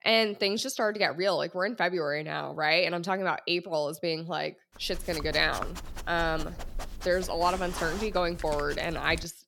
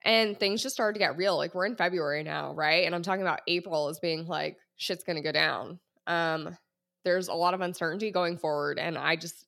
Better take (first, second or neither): second